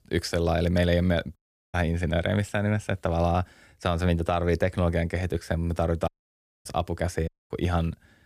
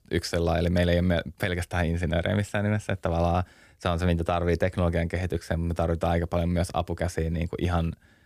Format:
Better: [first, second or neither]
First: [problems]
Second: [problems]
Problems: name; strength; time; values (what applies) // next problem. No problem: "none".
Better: second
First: audio cutting out; at 1.5 s, at 6 s for 0.5 s and at 7.5 s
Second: none